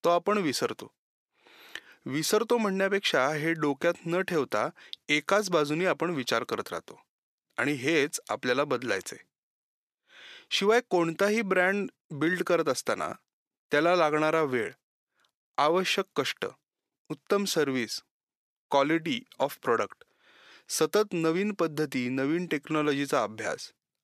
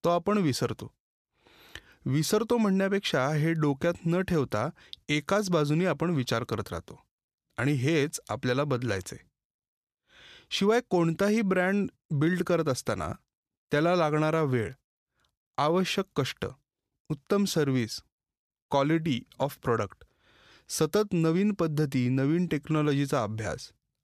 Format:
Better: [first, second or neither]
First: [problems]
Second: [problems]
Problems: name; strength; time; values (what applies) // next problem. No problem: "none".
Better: second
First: thin; somewhat; fading below 300 Hz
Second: none